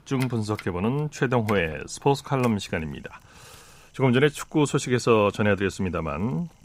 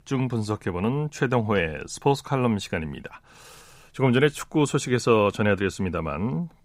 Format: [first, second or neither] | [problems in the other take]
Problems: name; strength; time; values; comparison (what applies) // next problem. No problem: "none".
second | household noises; faint; throughout; 20 dB below the speech